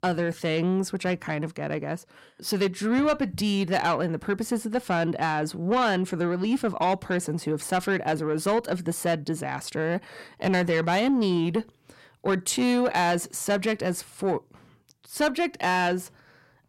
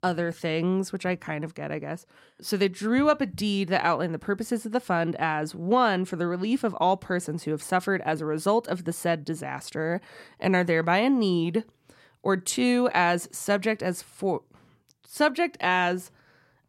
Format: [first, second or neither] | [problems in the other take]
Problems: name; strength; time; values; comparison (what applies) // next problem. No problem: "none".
second | distortion; slight; 10 dB below the speech